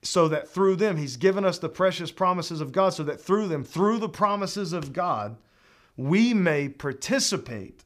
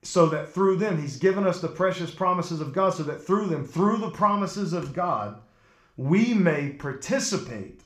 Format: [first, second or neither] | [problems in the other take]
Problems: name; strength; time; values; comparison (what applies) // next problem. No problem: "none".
first | room echo; very slight; dies away in 0.4 s